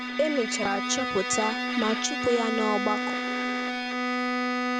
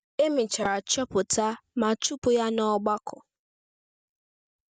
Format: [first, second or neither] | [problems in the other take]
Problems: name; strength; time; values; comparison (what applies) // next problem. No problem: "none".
second | background sound (Bowed string instrument); 1 dB above the speech